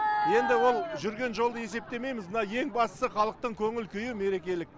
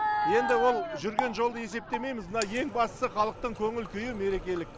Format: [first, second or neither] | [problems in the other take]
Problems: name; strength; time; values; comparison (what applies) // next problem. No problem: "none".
first | background sound (Water tap, faucet); 12 dB below the speech